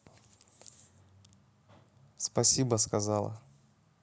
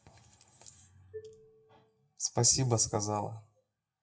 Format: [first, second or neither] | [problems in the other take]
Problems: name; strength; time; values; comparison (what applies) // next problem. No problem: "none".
first | noise reduction (classical method WPE with log-MMSE)